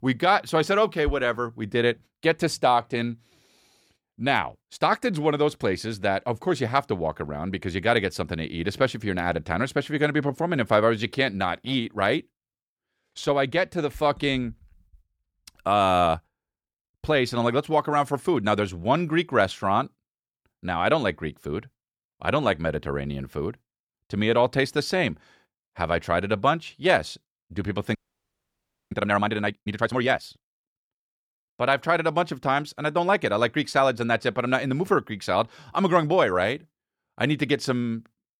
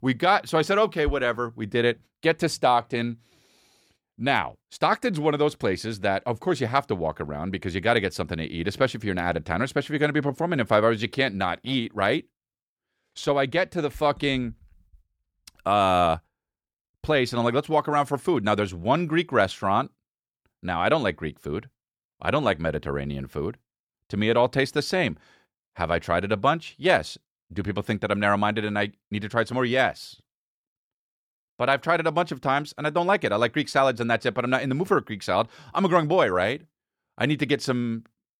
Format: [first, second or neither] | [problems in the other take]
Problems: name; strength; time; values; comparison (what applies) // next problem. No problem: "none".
second | audio freezing; at 28 s for 1 s